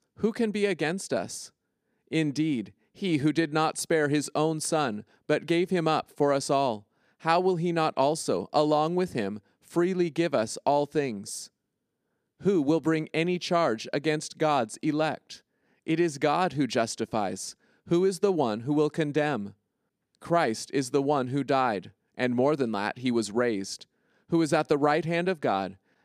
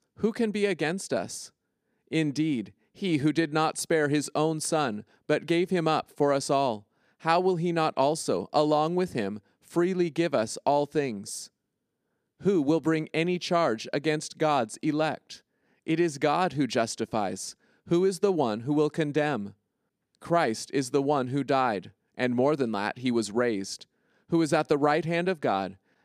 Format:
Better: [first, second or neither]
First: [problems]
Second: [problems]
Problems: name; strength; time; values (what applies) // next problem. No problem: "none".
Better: neither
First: none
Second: none